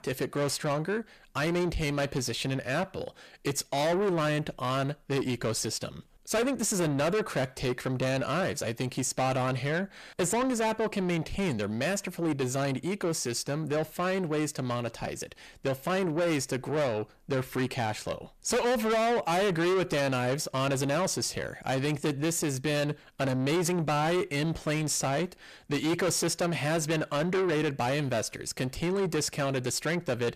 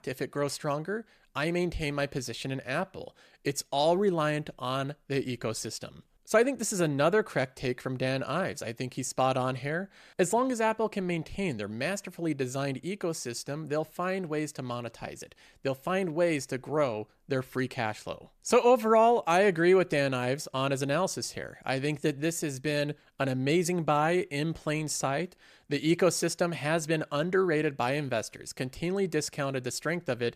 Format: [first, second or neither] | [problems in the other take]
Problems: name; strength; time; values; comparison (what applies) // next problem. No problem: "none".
second | distortion; heavy; 6 dB below the speech